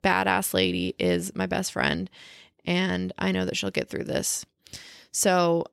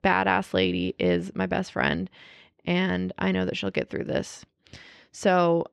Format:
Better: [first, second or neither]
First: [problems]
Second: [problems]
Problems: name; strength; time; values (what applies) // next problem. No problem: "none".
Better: first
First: none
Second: muffled; slightly; fading above 3 kHz